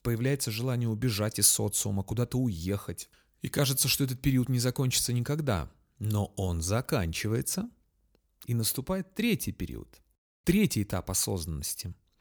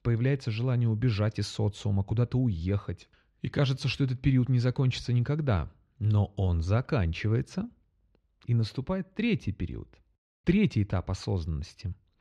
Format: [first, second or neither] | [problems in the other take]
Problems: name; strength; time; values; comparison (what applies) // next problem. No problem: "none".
first | muffled; slightly; fading above 3.5 kHz